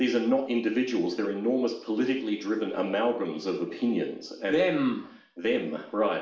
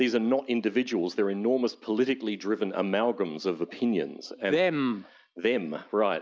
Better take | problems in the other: second | room echo; dies away in 0.5 s

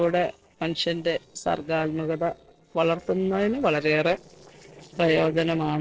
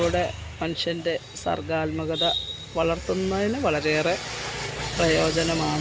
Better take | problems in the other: second | noise reduction (neural separator model SepFormer DNS4)

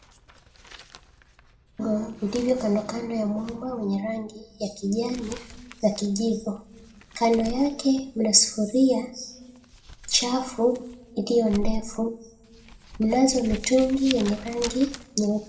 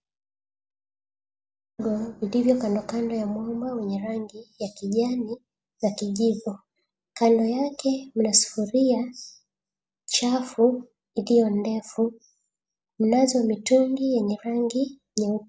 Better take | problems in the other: second | background sound (Crumpling, crinkling); 13 dB below the speech // room echo; dies away in 0.4 s

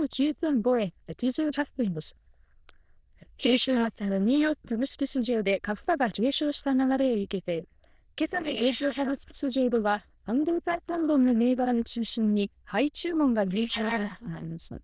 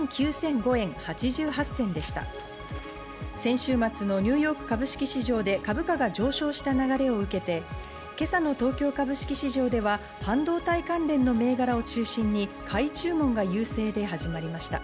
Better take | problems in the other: second | noise reduction (neural diffusion model UNIVERSE++)

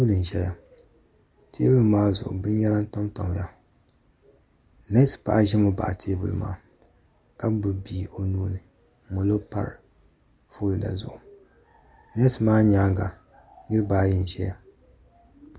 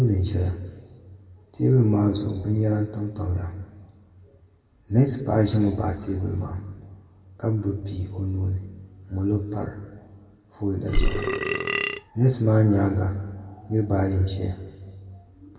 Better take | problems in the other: first | background sound (Burping, eructation); 1 dB above the speech // room echo; dies away in 1.5 s

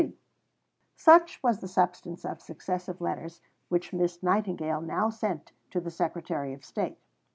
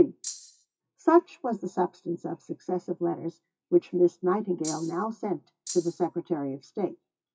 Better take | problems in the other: first | noise reduction (classical method WPE with log-MMSE)

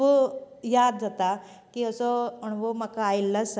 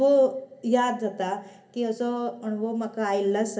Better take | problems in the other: first | room echo; dies away in 0.3 s

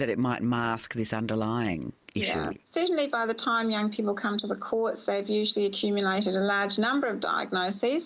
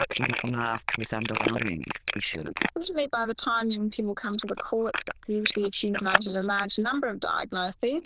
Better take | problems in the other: first | noise reduction (neural diffusion model UNIVERSE++)

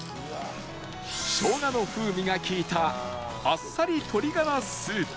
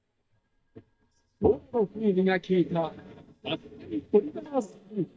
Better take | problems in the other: first | noise reduction (neural mask model DeepFilterNet 3)

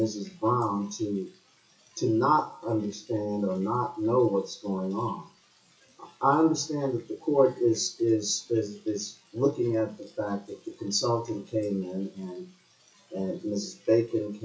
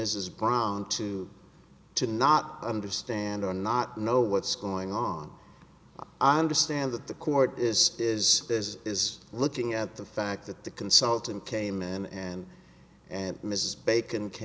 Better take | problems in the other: second | noise reduction (classical method WPE with log-MMSE)

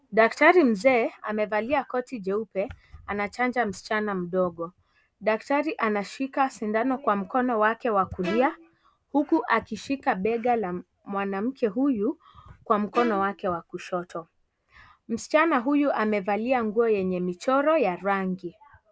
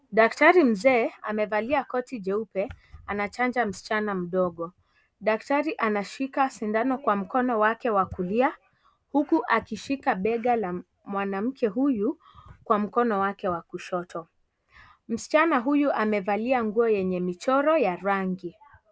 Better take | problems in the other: second | background sound (Bowed string instrument); 13 dB below the speech

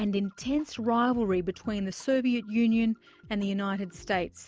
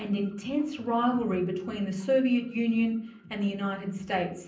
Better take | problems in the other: first | room echo; dies away in 0.6 s

